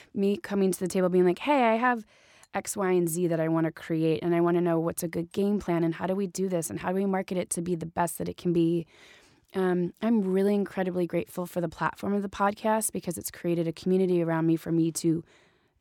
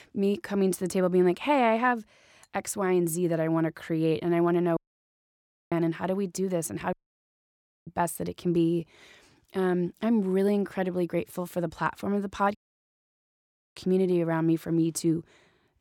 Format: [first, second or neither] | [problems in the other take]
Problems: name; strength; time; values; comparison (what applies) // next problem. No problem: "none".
first | audio cutting out; at 5 s for 1 s, at 7 s for 1 s and at 13 s for 1 s